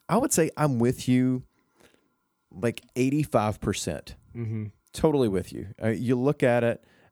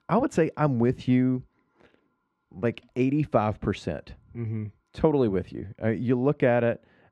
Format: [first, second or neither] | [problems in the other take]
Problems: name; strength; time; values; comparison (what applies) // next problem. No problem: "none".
first | muffled; very; fading above 2.5 kHz